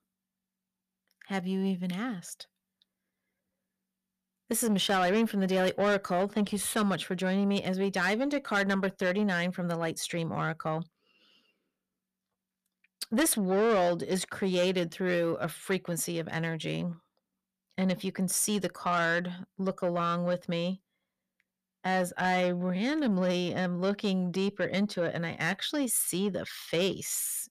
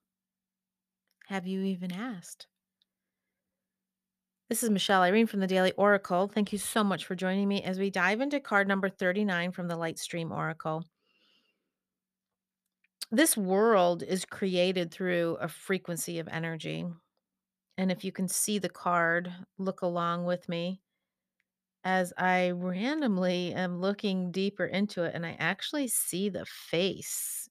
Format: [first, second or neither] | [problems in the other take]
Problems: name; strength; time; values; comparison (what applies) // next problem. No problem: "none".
second | distortion; slight; 10 dB below the speech